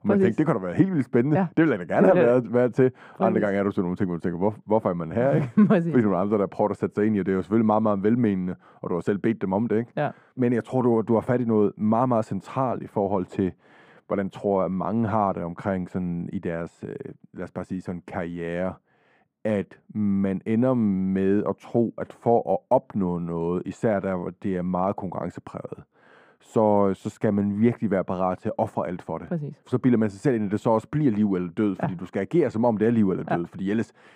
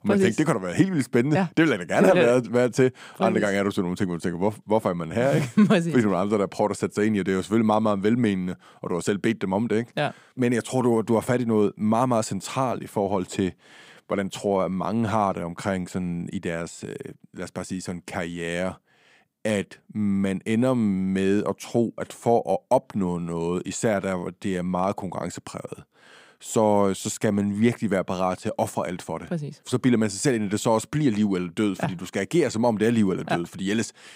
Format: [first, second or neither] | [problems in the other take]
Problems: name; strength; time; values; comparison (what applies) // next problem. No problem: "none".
second | muffled; very; fading above 2.5 kHz